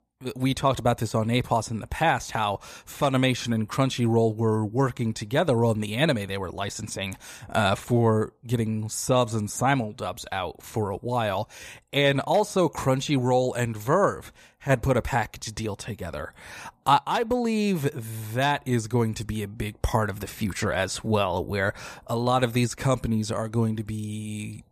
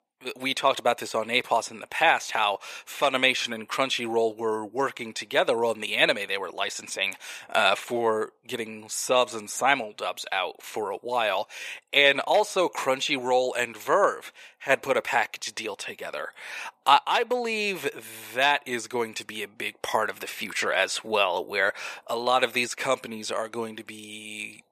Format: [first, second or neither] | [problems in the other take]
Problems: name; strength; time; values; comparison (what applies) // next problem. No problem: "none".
first | thin; very; fading below 450 Hz